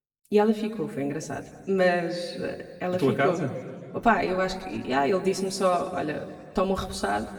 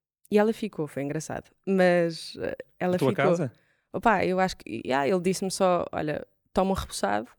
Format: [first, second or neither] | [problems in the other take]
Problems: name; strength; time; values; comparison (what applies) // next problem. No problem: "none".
second | room echo; slight; dies away in 1.7 s // off-mic speech; far